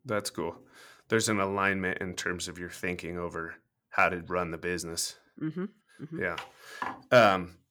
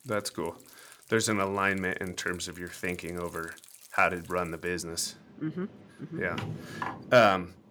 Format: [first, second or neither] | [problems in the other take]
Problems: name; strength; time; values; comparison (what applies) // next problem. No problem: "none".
first | rain or running water; noticeable; throughout; 20 dB below the speech